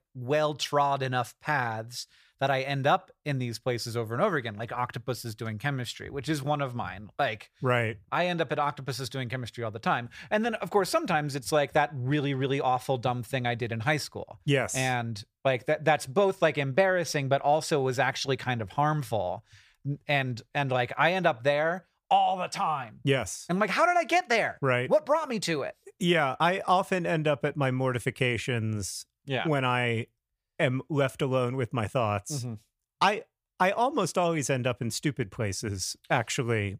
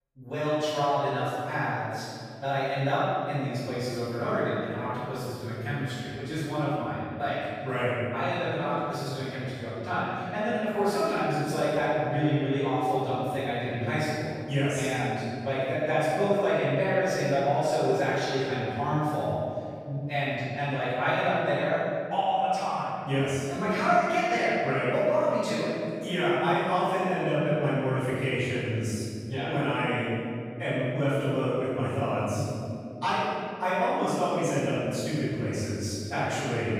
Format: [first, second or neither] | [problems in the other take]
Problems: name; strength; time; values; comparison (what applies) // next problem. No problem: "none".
first | off-mic speech; far // room echo; strong; dies away in 2.4 s